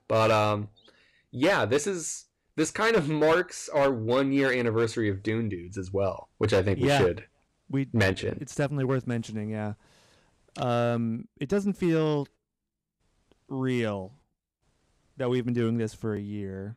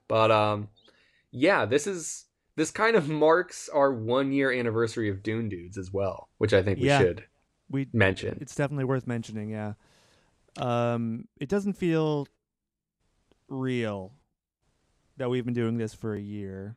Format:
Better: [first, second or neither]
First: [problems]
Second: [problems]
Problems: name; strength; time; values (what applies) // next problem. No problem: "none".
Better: second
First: distortion; slight; 4% of the sound clipped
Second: none